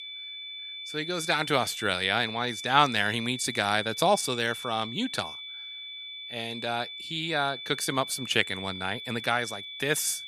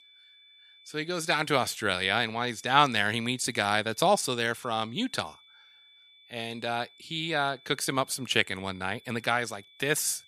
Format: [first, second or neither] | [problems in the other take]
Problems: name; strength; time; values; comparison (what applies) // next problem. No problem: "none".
second | high-pitched whine; loud; throughout; 3.5 kHz, 9 dB below the speech; faint in the second